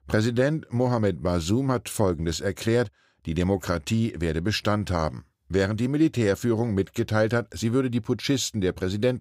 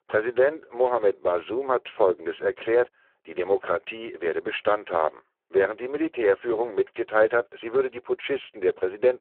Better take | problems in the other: first | phone-call audio; poor line

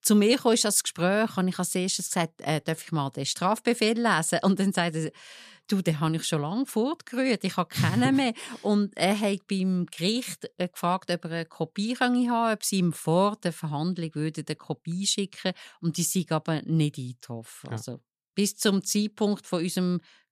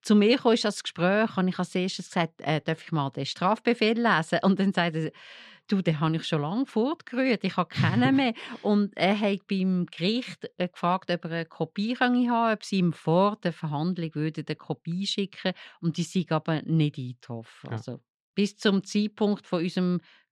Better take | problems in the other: first | muffled; very slightly; fading above 3 kHz

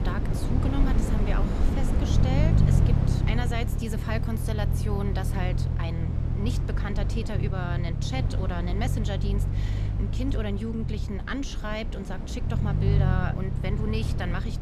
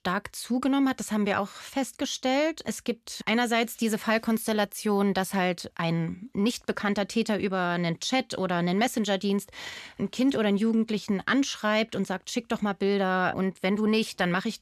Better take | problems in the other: second | low rumble; loud; throughout; 2 dB below the speech

